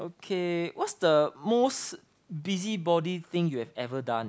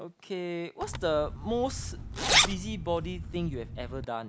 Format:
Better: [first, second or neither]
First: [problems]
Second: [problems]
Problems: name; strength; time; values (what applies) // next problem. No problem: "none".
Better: first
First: none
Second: background sound (Zipper (clothing)); 2 dB above the speech